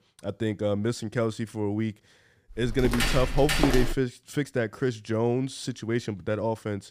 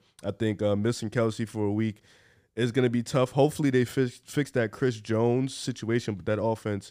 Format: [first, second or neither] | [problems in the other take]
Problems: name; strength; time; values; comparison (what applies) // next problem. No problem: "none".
second | footsteps; loud; from 2.5 to 4 s; peak 3 dB above the speech